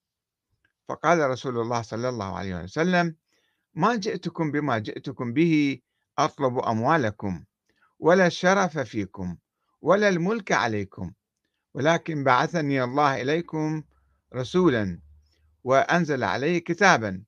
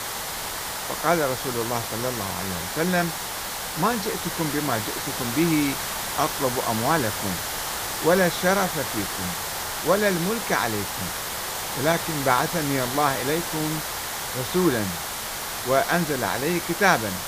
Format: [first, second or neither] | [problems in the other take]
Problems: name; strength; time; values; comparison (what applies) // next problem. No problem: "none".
first | hiss; loud; throughout; 3 dB below the speech